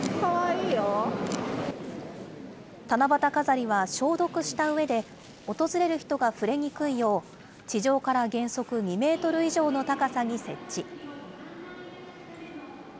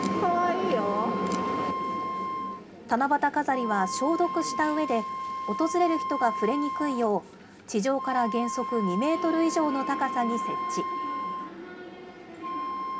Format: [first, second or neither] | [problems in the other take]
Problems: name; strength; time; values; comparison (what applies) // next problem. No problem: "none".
first | background sound (Wind instrument, woodwind instrument); 5 dB below the speech // room echo; dies away in 0.3 s